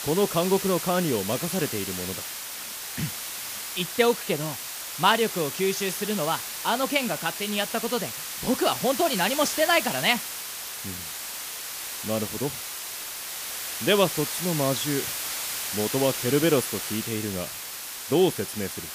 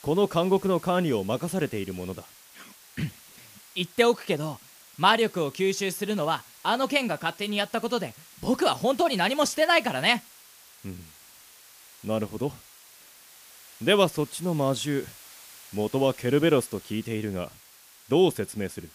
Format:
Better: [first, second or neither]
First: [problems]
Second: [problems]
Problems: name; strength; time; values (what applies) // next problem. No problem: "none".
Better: second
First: hiss; loud; throughout; 5 dB below the speech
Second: hiss; faint; throughout; 20 dB below the speech